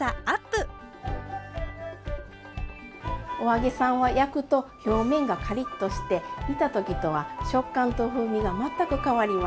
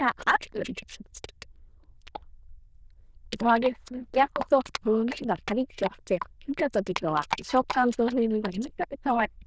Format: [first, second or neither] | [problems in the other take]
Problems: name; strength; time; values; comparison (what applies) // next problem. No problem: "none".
first | noise reduction (neural diffusion model UNIVERSE++)